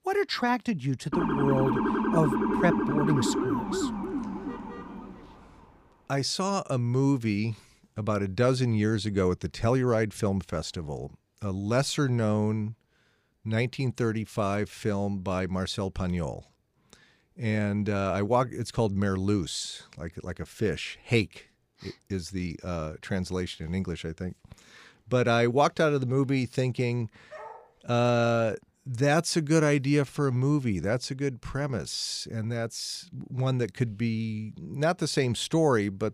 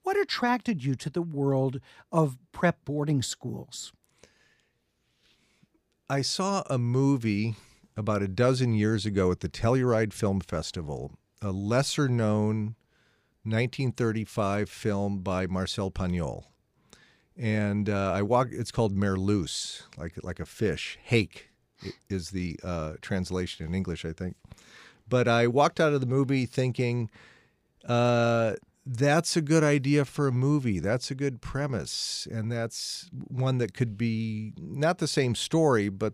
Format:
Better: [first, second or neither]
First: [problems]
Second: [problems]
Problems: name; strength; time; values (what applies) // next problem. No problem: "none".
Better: second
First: siren; loud; from 1 to 5 s; peak 2 dB above the speech // dog barking; faint; at 27 s; peak 15 dB below the speech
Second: none